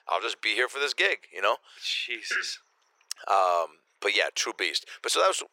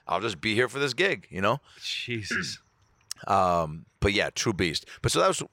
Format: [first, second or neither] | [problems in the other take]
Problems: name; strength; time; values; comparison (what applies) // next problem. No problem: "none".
second | thin; very; fading below 400 Hz